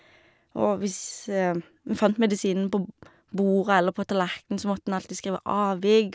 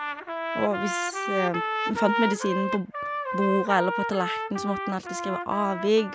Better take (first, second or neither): first